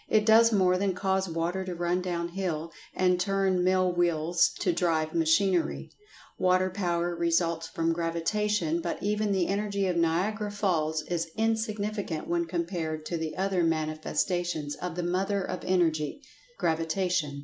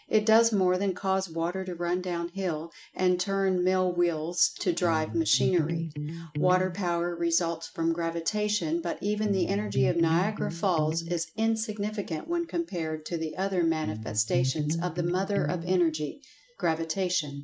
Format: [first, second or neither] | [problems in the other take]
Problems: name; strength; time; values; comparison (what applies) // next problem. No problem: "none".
first | noise reduction (neural mask model RNNoise)